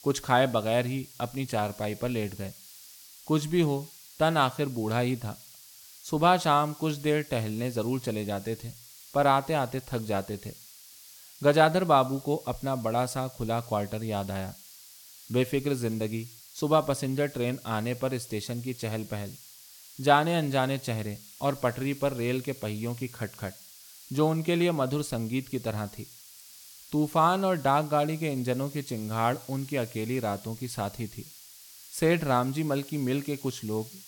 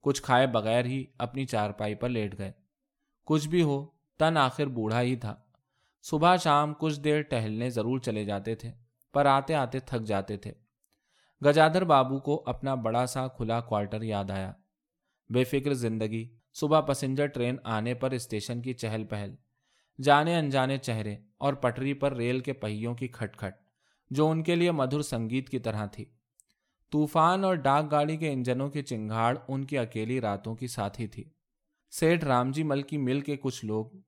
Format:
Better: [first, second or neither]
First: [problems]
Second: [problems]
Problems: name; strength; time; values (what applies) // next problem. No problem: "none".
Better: second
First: hiss; noticeable; throughout; 20 dB below the speech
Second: none